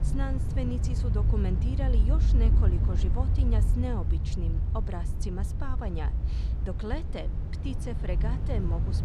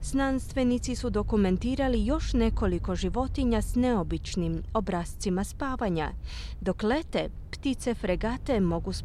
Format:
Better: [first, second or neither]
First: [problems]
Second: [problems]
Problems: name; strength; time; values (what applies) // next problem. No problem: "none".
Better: second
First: low rumble; loud; throughout; 4 dB below the speech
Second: low rumble; faint; throughout; 25 dB below the speech